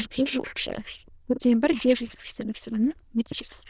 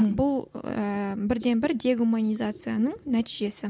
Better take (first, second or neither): second